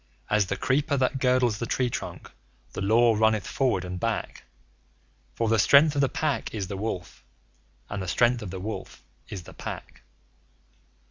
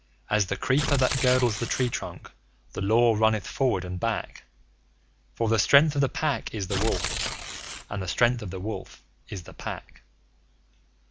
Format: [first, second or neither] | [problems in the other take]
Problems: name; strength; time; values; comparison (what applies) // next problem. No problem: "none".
first | background sound (Tearing); 4 dB below the speech